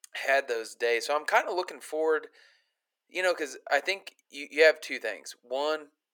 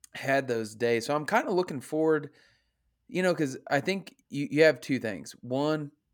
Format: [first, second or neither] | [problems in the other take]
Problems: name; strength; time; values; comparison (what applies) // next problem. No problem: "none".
second | thin; very; fading below 450 Hz